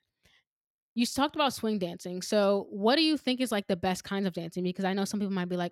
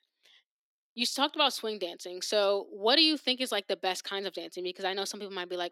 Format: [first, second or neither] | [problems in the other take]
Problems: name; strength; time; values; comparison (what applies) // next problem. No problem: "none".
first | thin; somewhat; fading below 300 Hz